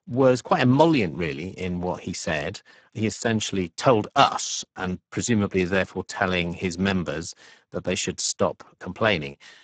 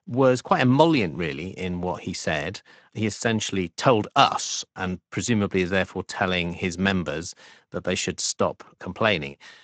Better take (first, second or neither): second